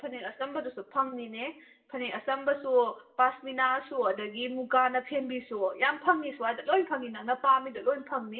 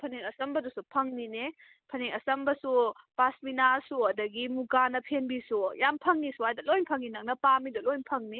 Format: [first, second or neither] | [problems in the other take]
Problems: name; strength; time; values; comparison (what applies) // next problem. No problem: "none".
second | room echo; dies away in 0.5 s